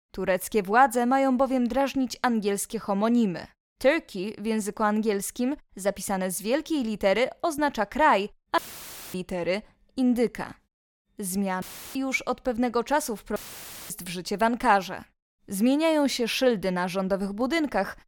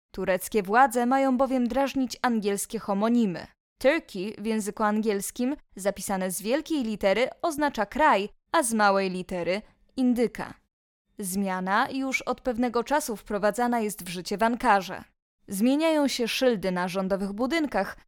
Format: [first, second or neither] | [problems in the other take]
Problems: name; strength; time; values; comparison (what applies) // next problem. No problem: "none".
second | audio cutting out; filled with static; at 8.5 s for 0.5 s, at 12 s and at 13 s for 0.5 s